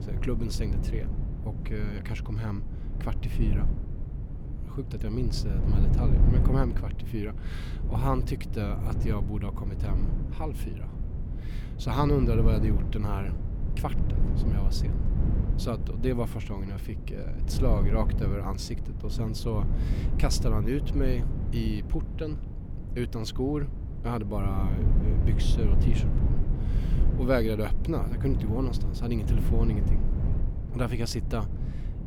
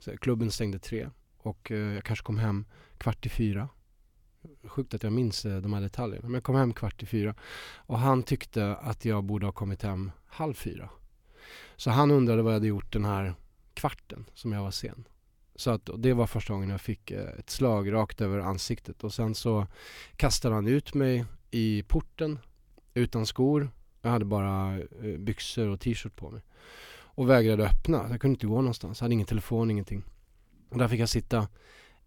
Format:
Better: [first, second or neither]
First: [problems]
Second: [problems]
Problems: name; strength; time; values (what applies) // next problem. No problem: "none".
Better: second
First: low rumble; loud; throughout; 7 dB below the speech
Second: none